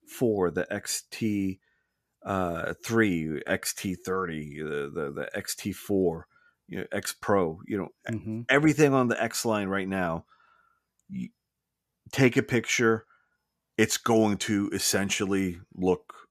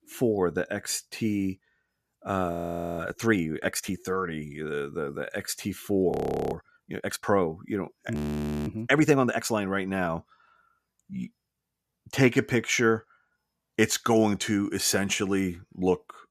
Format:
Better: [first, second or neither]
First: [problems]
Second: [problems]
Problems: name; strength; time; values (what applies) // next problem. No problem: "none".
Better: first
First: none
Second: audio freezing; at 2.5 s, at 6 s and at 8 s for 0.5 s